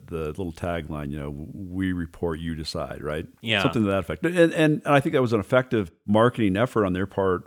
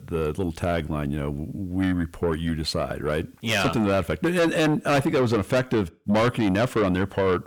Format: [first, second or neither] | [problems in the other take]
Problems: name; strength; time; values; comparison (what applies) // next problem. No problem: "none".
first | distortion; heavy; 6 dB below the speech